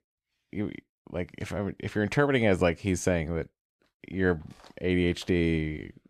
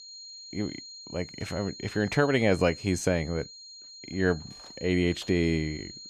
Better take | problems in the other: first | high-pitched whine; noticeable; throughout; 4 kHz, 15 dB below the speech

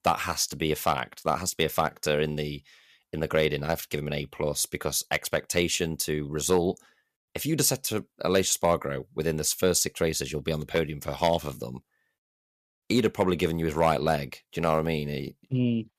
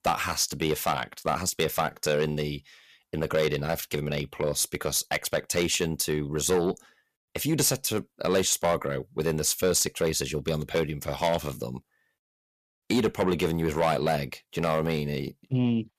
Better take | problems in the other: first | distortion; slight; 10 dB below the speech

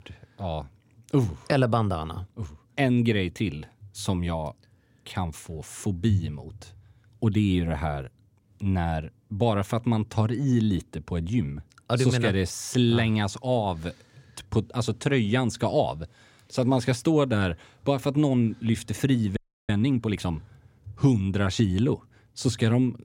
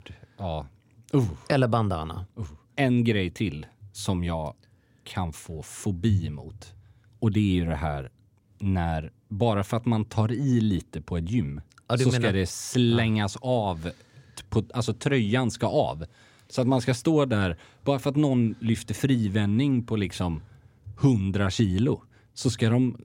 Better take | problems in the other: second | audio freezing; at 19 s

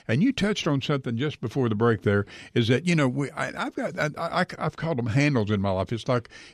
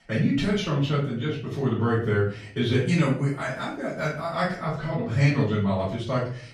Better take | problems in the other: first | room echo; noticeable; dies away in 0.4 s // off-mic speech; far

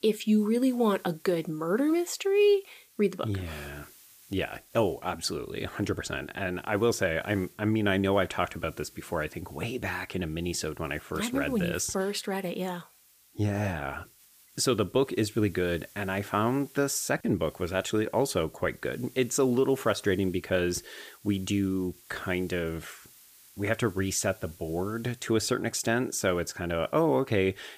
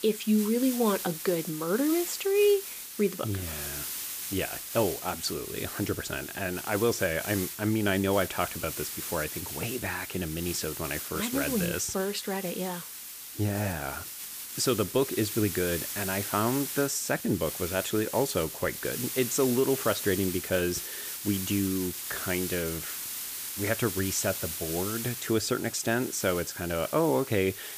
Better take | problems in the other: first | hiss; loud; throughout; 6 dB below the speech; faint in the first

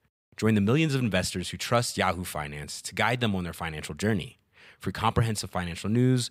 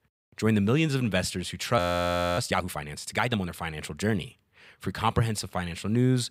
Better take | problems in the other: first | audio freezing; at 2 s for 0.5 s

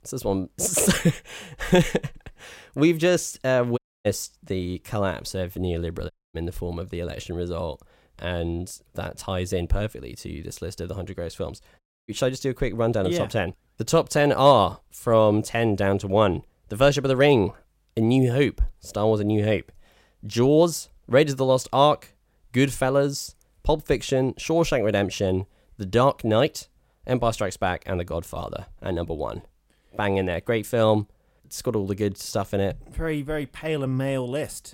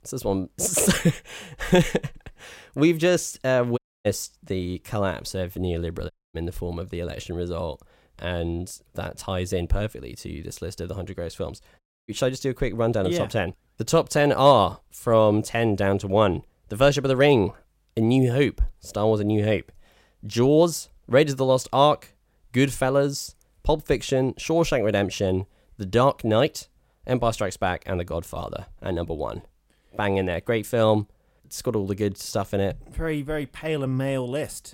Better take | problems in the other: neither | audio cutting out; at 4 s, at 6 s and at 12 s; the same in both

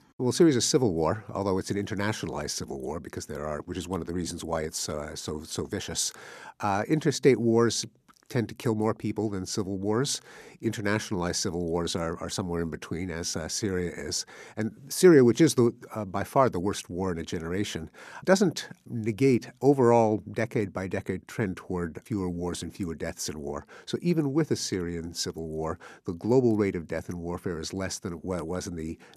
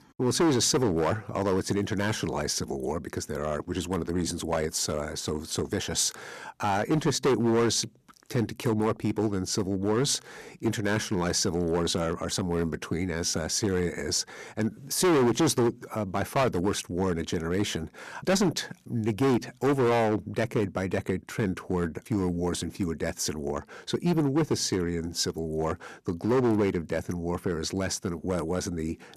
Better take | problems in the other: first | distortion; heavy; 7% of the sound clipped

